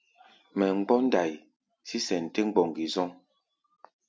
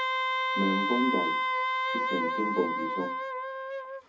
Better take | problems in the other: first | background sound (Wind instrument, woodwind instrument); 4 dB above the speech // room echo; dies away in 0.3 s

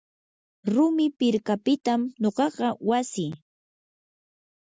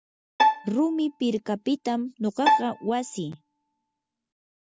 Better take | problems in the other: first | background sound (Bowed string instrument); as loud as the speech

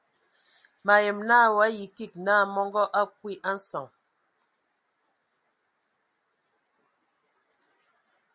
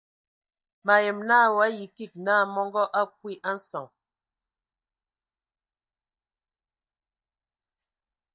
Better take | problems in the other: first | noise reduction (neural mask model DeepFilterNet 3)

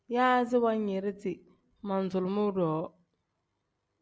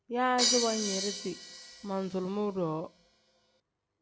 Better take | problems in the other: first | background sound (Crash cymbal); 3 dB below the speech

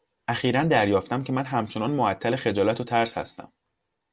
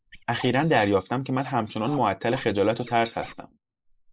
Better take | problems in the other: first | noise reduction (neural mask model Resemble Enhance denoiser)

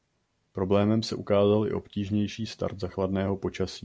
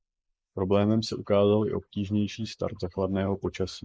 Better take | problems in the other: first | noise reduction (neural mask model Resemble Enhance denoiser)

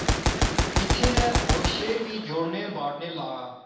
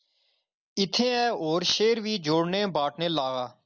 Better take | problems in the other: second | background sound (Gunshot, gunfire); 4 dB above the speech // room echo; dies away in 0.9 s

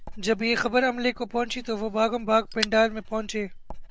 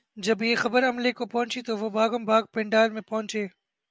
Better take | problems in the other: second | background sound (Fire + Writing); 12 dB below the speech

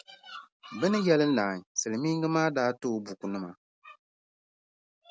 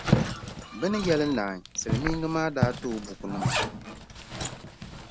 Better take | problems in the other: first | background sound (Zipper (clothing)); as loud as the speech

